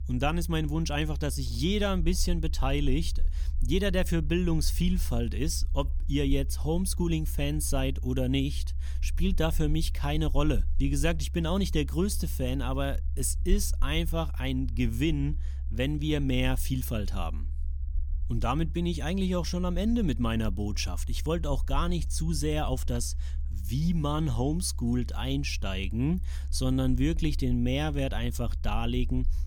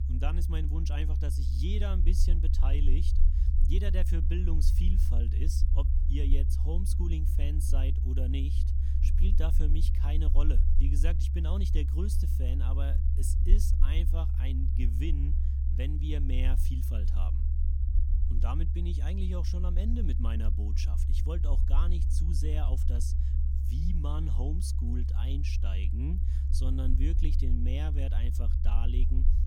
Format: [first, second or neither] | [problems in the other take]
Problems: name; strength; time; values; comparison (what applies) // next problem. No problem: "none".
first | low rumble; loud; throughout; 4 dB below the speech; faint in the first